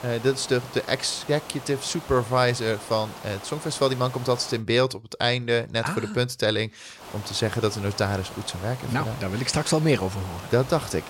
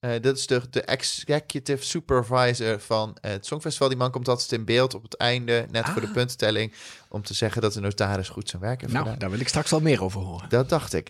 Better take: second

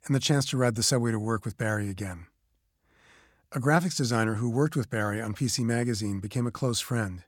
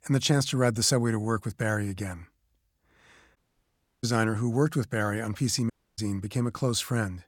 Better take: first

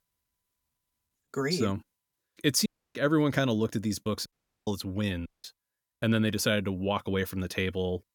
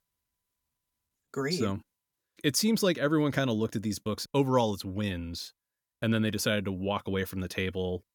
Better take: second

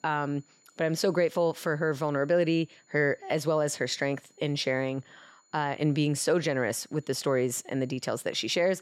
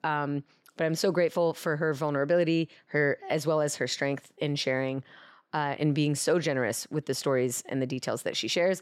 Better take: second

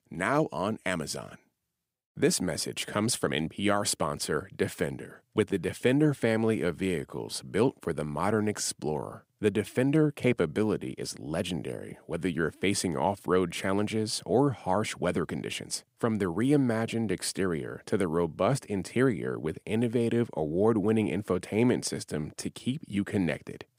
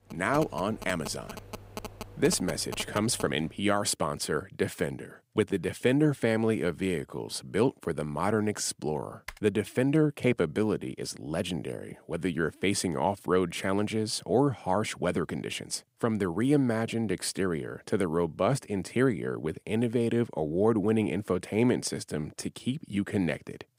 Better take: first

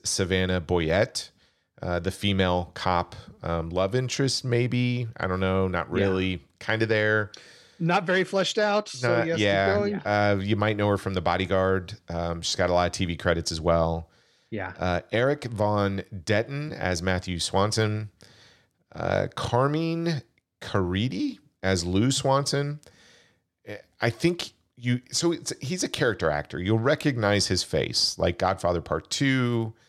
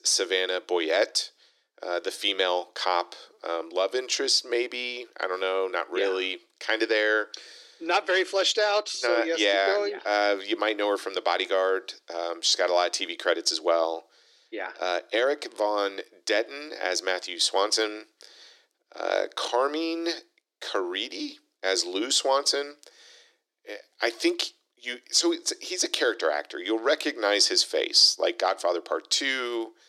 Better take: first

